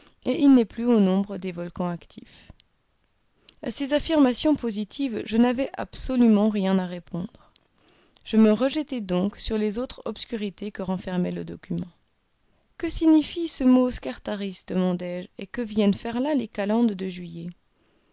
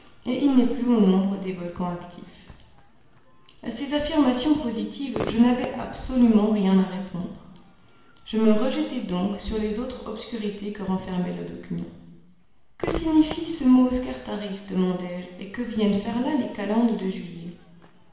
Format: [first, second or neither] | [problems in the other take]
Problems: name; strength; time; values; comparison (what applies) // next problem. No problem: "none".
first | background sound (Crowd / Fireworks); 18 dB below the speech // room echo; dies away in 1 s